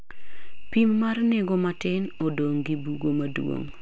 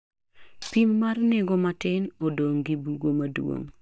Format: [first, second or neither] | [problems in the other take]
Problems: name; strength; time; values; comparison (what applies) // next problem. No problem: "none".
first | noise reduction (neural mask model DeepFilterNet 3)